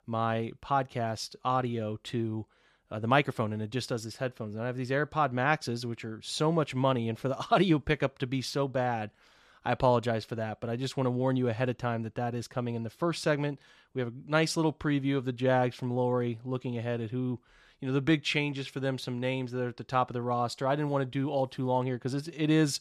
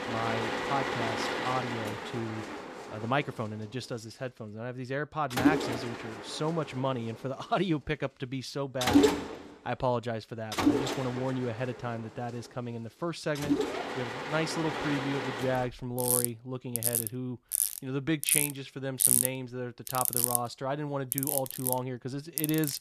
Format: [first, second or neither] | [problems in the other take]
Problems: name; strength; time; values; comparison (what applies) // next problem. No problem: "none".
first | machinery noise; very loud; throughout; 4 dB above the speech